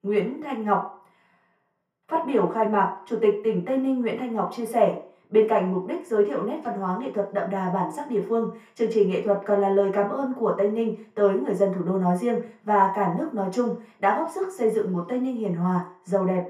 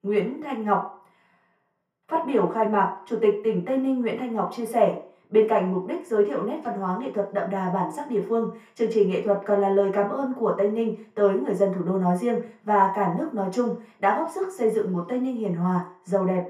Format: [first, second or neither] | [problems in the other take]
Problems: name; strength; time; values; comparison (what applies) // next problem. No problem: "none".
neither | room echo; slight; dies away in 0.4 s; the same in both // off-mic speech; far; the same in both